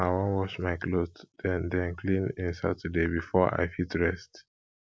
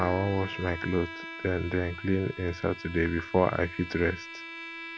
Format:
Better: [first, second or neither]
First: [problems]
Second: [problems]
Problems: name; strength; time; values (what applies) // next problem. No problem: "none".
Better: first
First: none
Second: background sound (Bowed string instrument); 12 dB below the speech